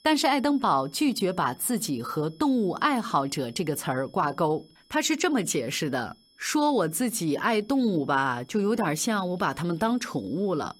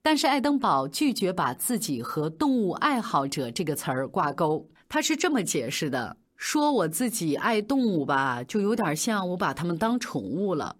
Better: second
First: high-pitched whine; faint; throughout; 5.5 kHz, 30 dB below the speech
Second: none

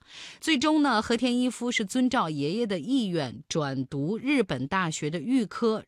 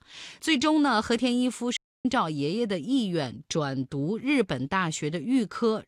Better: first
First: none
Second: audio cutting out; at 2 s

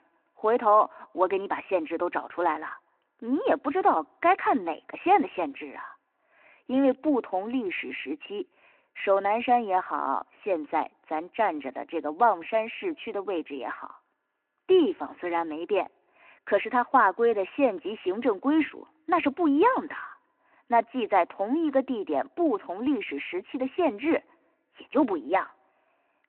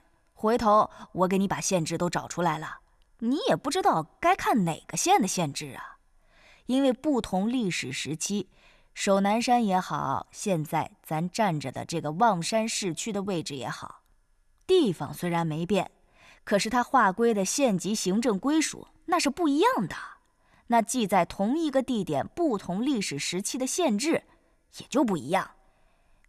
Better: second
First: phone-call audio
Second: none

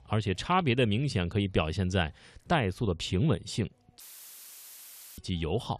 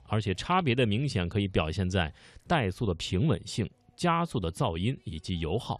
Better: second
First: audio cutting out; filled with static; at 4 s for 1 s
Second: none

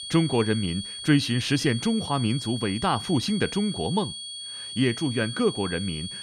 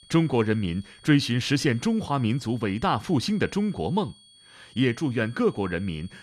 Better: second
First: high-pitched whine; loud; throughout; 3.5 kHz, 8 dB below the speech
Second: high-pitched whine; faint; throughout; 3.5 kHz, 25 dB below the speech

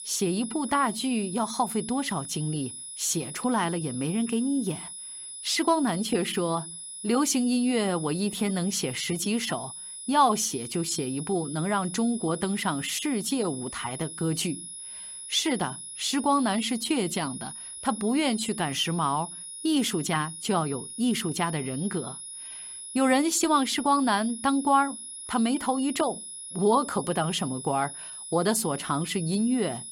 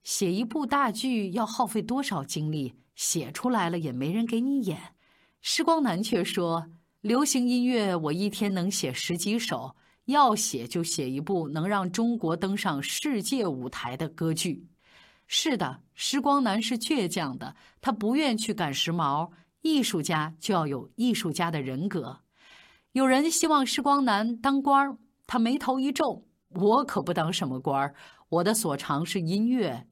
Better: second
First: high-pitched whine; loud; throughout; 10.5 kHz, 10 dB below the speech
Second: none

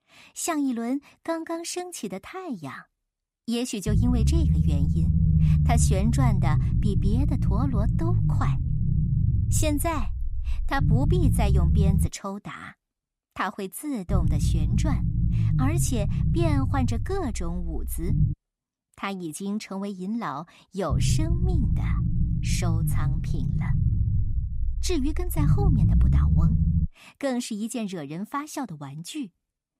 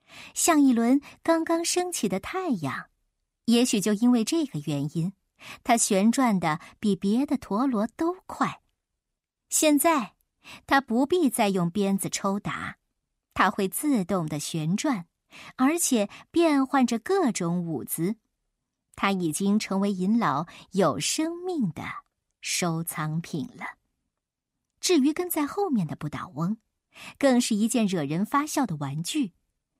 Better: second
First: low rumble; loud; from 4 to 12 s, from 14 to 18 s and from 21 to 27 s; 4 dB below the speech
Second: none

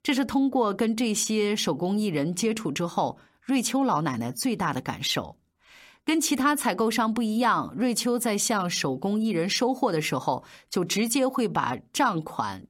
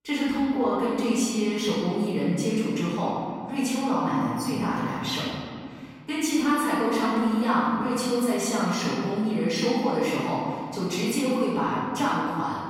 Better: first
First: none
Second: off-mic speech; far // room echo; strong; dies away in 2.1 s

